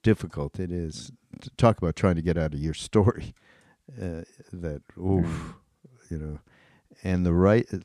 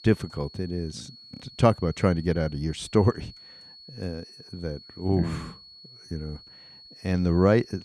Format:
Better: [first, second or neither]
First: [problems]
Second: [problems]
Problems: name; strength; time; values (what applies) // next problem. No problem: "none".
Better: first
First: none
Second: high-pitched whine; noticeable; throughout; 4.5 kHz, 20 dB below the speech